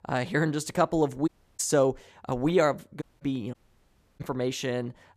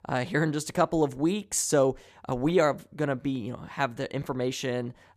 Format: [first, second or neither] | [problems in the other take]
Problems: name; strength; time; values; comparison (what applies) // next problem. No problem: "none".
second | audio cutting out; at 1.5 s, at 3 s and at 3.5 s for 0.5 s